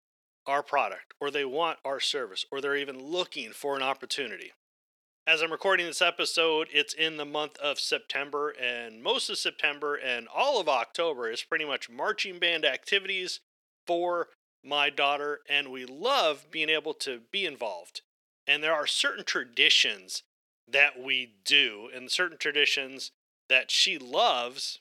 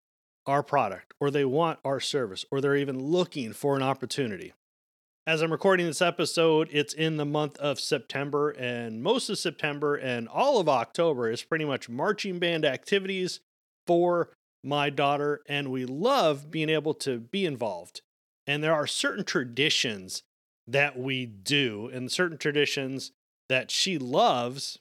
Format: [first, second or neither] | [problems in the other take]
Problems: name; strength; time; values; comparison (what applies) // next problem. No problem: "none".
second | thin; somewhat; fading below 450 Hz